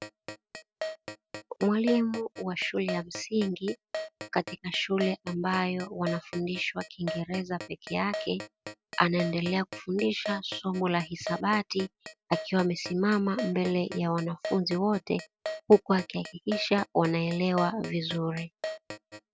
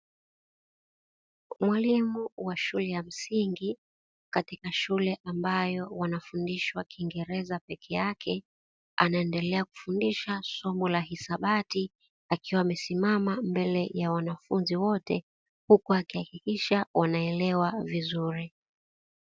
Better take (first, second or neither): second